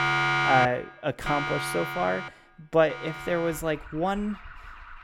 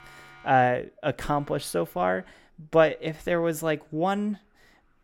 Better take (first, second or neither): second